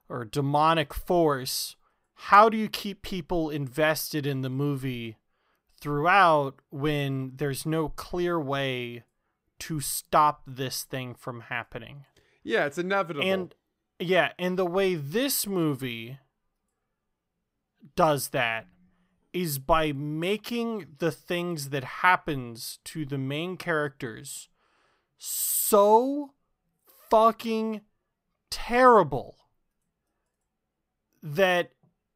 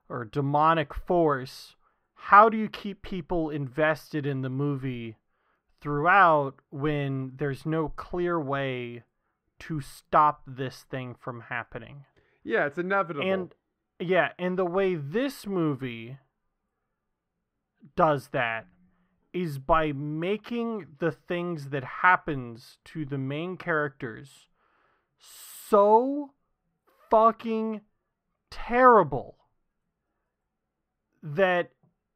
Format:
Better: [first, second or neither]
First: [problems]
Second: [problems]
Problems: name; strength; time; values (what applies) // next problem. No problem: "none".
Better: first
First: none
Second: muffled; slightly; fading above 4 kHz